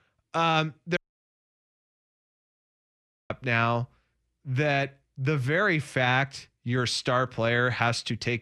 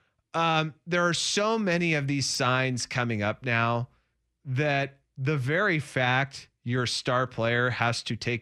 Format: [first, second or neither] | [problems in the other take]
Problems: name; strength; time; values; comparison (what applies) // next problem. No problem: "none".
second | audio cutting out; at 1 s for 2.5 s